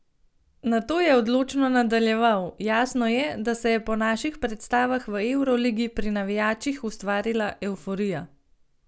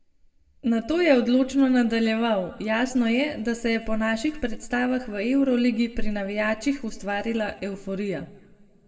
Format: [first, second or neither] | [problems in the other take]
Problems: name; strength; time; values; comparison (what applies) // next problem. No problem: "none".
first | room echo; dies away in 1.3 s